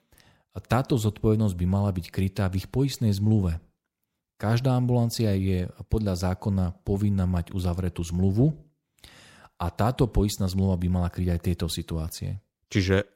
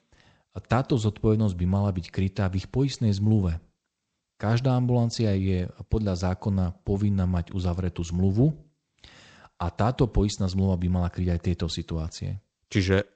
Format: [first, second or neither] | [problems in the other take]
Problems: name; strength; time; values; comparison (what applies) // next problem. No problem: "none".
first | garbled, watery; slightly; nothing above 8 kHz